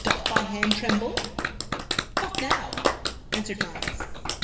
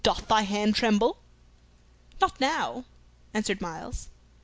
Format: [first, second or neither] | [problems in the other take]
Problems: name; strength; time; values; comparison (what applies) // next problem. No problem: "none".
second | background sound (Clapping); 4 dB above the speech // room echo; dies away in 2.8 s